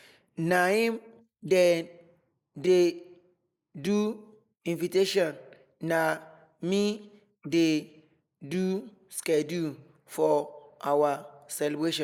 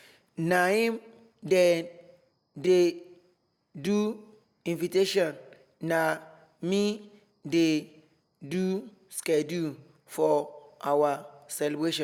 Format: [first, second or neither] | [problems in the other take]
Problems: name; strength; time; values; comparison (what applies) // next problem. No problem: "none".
second | noise reduction (neural mask model Resemble Enhance denoiser)